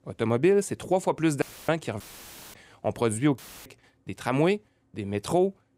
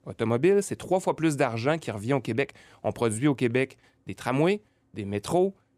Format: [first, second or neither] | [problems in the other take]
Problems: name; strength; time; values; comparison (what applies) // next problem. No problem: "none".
second | audio cutting out; filled with static; at 1.5 s, at 2 s for 0.5 s and at 3.5 s